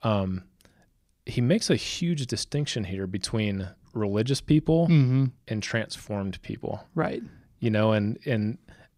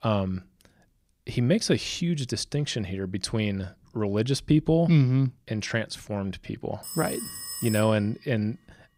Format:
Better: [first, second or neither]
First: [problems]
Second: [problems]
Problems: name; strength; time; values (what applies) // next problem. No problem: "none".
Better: first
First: none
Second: phone ringing; noticeable; from 7 to 8 s; peak 6 dB below the speech